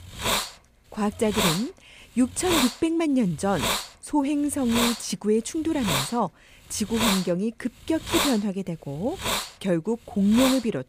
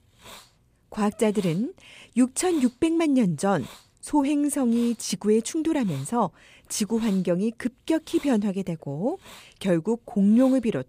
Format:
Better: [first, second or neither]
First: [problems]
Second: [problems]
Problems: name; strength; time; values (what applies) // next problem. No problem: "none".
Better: second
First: hiss; loud; throughout; 1 dB below the speech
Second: hiss; faint; throughout; 25 dB below the speech